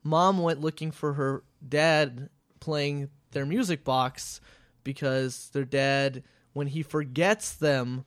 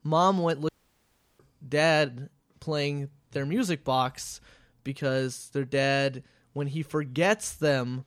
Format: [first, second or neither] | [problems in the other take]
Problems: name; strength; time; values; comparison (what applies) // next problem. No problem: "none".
first | audio cutting out; at 0.5 s for 0.5 s